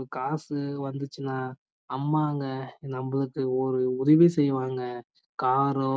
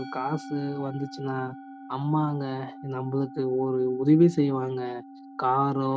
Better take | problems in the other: first | background sound (Musical instrument); 16 dB below the speech

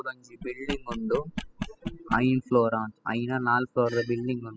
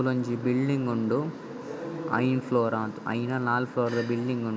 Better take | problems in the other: second | noise reduction (classical method spectral subtraction)

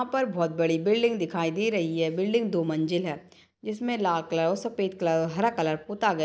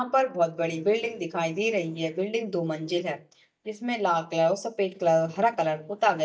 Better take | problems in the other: first | noise reduction (neural mask model DeepFilterNet 3)

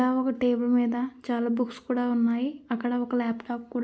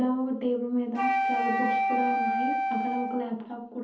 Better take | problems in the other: first | background sound (Wind instrument, woodwind instrument); 2 dB above the speech // room echo; dies away in 0.7 s

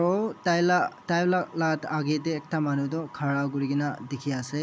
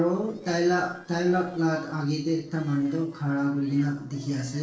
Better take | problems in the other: first | noise reduction (neural separator model SepFormer DNS4)

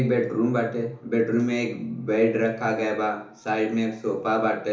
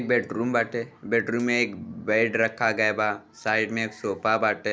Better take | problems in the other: second | room echo; dies away in 0.7 s

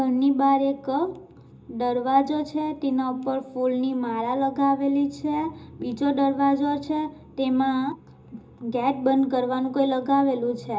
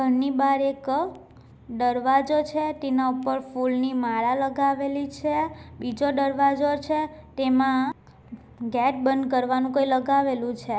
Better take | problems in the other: second | room echo; dies away in 0.2 s

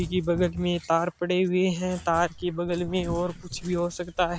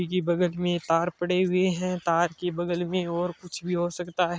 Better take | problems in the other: second | background sound (Cat); 14 dB below the speech

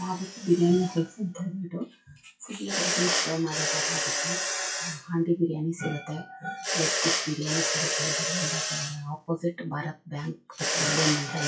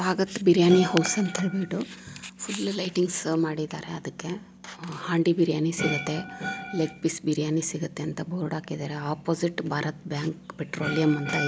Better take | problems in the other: second | noise reduction (classical method WPE with log-MMSE)

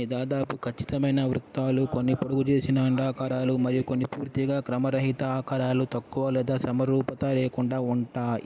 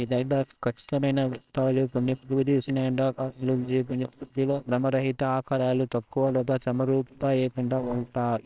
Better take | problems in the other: first | noise reduction (neural separator model SepFormer WHAMR!)

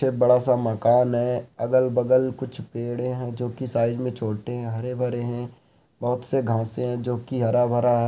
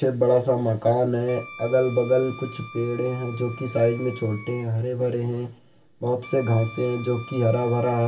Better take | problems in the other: first | background sound (Wind instrument, woodwind instrument); 19 dB below the speech // room echo; dies away in 0.1 s

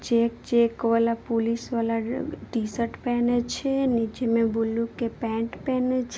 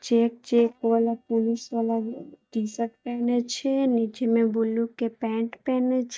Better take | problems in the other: first | noise reduction (neural mask model DeepFilterNet 3)

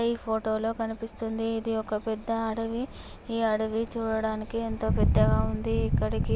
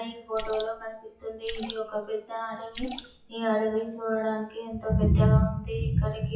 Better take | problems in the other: first | noise reduction (classical method WPE with log-MMSE)

